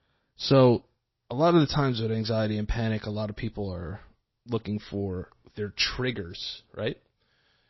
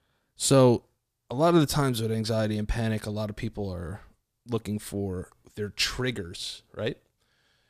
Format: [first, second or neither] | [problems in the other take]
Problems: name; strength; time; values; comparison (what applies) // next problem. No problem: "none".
second | garbled, watery; slightly; nothing above 5.5 kHz